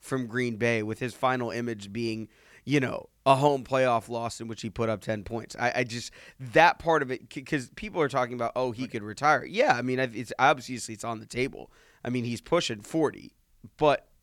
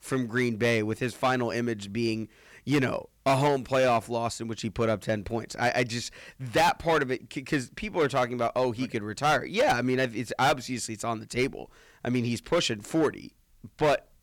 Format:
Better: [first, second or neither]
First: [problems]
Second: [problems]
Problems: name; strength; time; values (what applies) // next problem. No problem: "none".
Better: first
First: none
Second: distortion; heavy; 6% of the sound clipped